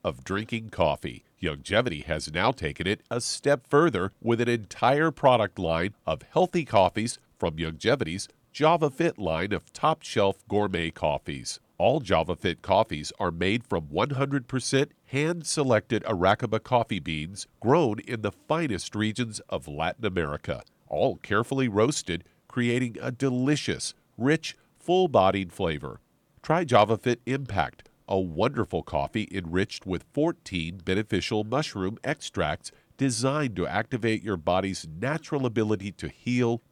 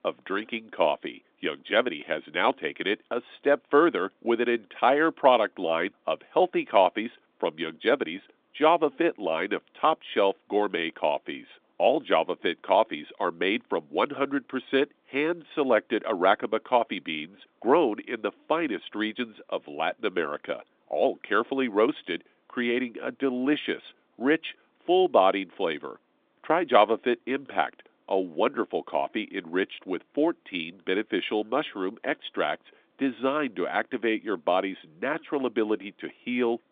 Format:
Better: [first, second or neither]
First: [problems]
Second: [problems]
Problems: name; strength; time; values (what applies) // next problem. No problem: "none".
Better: first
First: none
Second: phone-call audio; nothing above 3 kHz